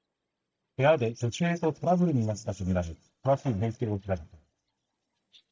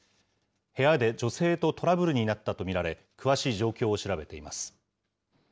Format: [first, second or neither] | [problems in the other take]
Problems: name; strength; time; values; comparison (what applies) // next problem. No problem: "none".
second | noise reduction (neural mask model DeepFilterNet 3)